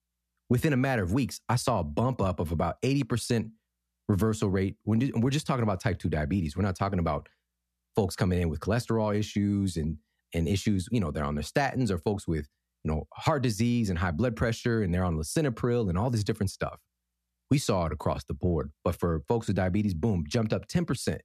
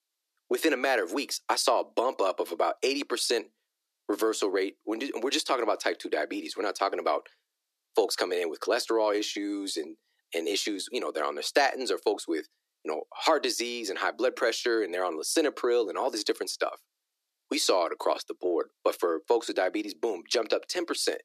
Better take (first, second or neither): first